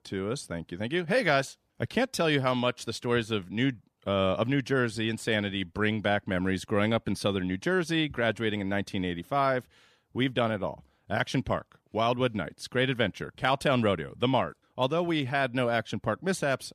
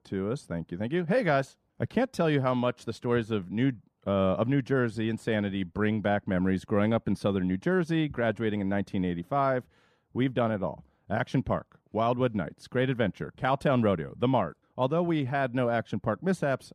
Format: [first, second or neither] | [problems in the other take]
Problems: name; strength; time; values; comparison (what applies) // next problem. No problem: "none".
first | muffled; slightly; fading above 2 kHz